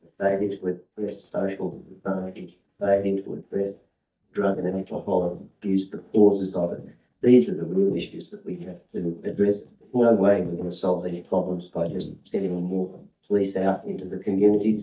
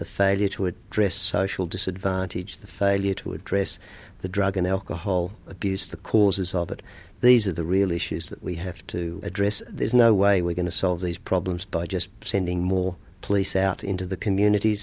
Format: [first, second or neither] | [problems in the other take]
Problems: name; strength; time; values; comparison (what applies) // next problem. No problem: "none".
second | noise reduction (neural mask model DeepFilterNet 3)